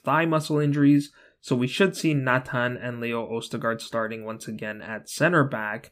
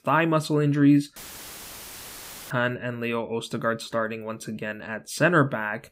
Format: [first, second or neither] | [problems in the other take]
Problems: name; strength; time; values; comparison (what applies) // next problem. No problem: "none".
first | audio cutting out; filled with static; at 1 s for 1.5 s